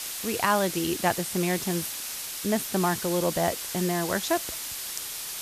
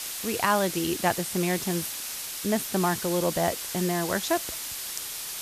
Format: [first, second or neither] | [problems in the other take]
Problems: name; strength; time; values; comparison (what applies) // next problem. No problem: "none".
neither | hiss; loud; throughout; 4 dB below the speech; the same in both